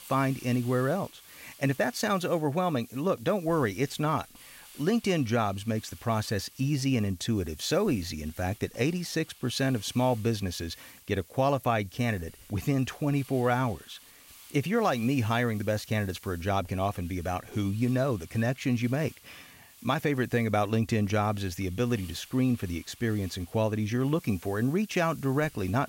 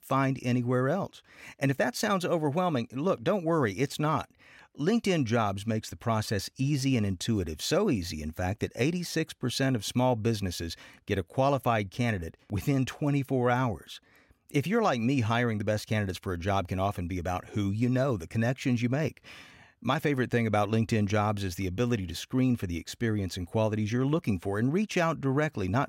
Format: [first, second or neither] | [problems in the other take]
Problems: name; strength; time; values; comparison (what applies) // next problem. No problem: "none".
second | hiss; faint; throughout; 20 dB below the speech